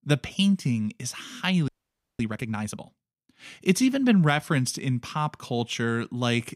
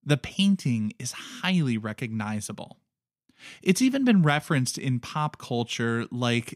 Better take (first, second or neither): second